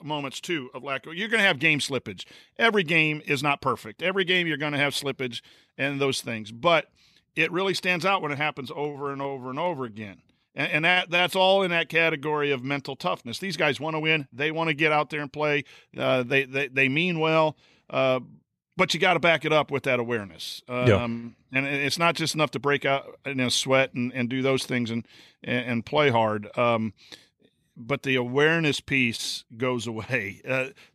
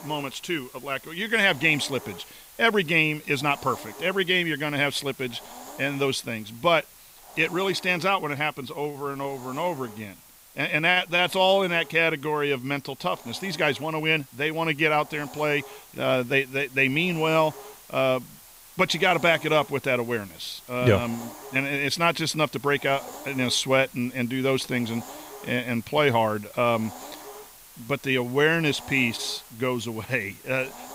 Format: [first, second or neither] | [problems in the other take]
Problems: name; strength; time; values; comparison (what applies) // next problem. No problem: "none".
first | hiss; noticeable; throughout; 20 dB below the speech